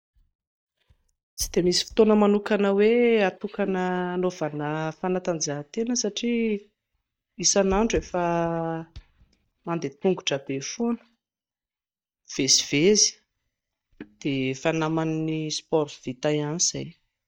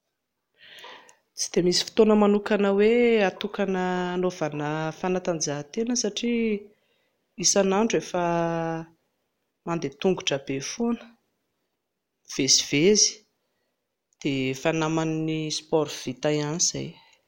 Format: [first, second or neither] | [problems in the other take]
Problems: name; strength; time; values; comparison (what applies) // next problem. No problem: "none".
second | noise reduction (neural mask model DeepFilterNet 3)